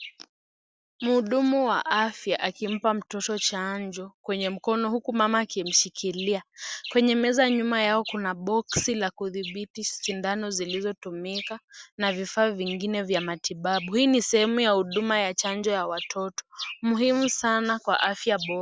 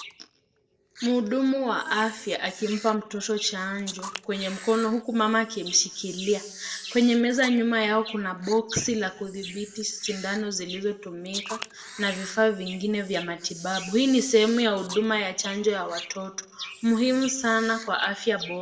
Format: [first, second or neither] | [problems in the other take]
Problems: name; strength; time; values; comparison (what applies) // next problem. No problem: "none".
first | background sound (Camera); 18 dB below the speech // room echo; dies away in 0.7 s